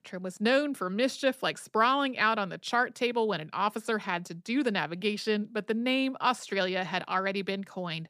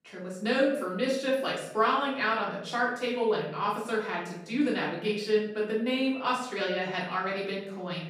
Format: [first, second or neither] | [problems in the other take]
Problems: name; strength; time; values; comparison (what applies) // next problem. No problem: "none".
first | off-mic speech; far // room echo; noticeable; dies away in 0.7 s